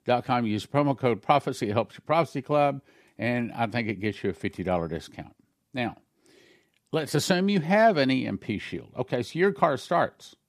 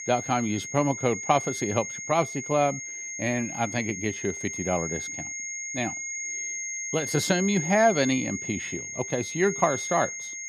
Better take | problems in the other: first | high-pitched whine; loud; throughout; 6.5 kHz, 5 dB below the speech

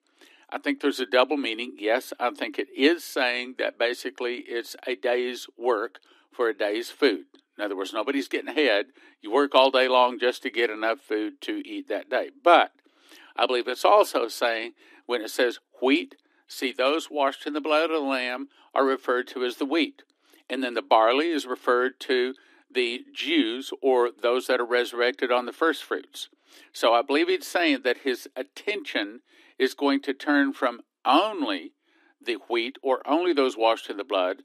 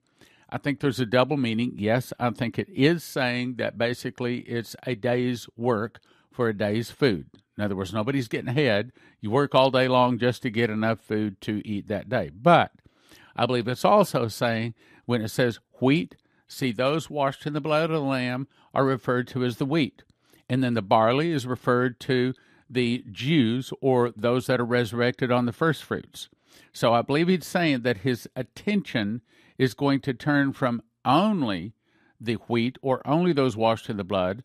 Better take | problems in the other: second | thin; very slightly; fading below 300 Hz

